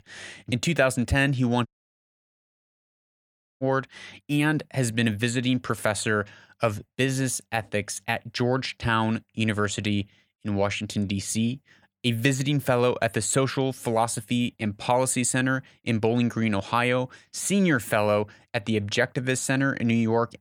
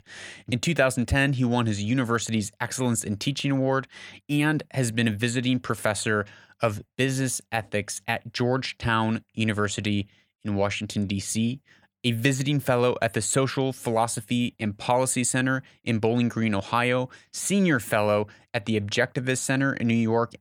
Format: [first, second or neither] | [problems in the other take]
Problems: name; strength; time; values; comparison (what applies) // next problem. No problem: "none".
second | audio cutting out; at 1.5 s for 2 s